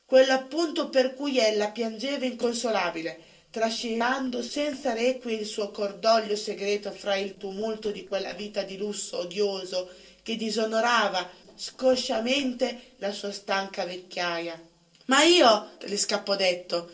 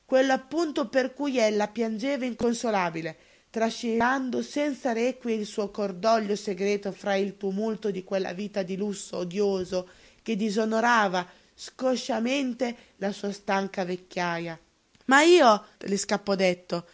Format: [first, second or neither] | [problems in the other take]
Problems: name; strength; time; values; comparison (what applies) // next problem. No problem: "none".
second | noise reduction (neural separator model SepFormer DNS4)